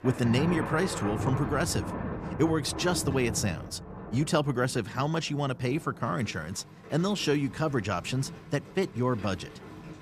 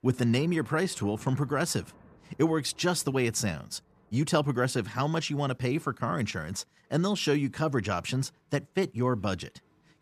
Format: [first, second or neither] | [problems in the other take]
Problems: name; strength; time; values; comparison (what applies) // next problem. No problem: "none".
second | rain or running water; loud; throughout; 9 dB below the speech; faint in the second